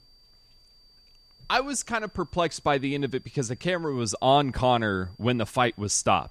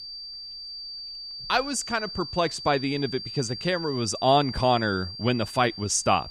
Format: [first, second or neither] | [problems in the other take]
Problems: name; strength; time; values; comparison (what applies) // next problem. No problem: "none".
first | high-pitched whine; loud; throughout; 4.5 kHz, 10 dB below the speech; faint in the first